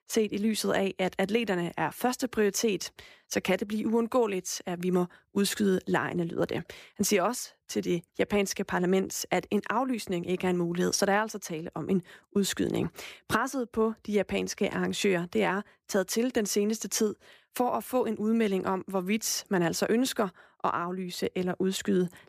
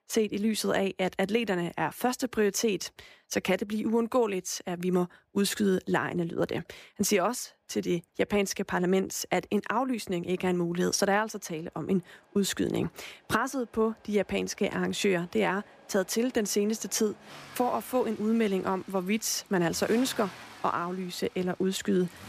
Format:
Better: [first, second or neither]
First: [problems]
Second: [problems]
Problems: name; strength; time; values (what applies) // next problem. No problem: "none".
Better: first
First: none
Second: traffic noise; faint; throughout; 20 dB below the speech